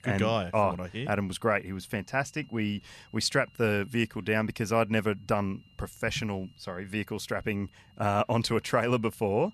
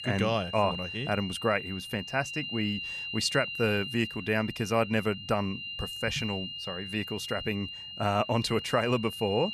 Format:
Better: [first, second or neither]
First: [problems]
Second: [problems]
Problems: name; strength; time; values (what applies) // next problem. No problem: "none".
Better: first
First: high-pitched whine; faint; throughout; 3 kHz, 35 dB below the speech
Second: high-pitched whine; loud; throughout; 3 kHz, 7 dB below the speech